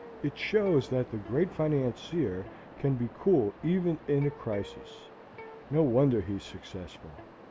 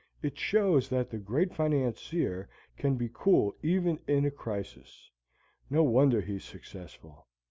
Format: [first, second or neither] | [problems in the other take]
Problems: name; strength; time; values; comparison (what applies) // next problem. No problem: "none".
second | background sound (Waves, surf + Electric guitar); 17 dB below the speech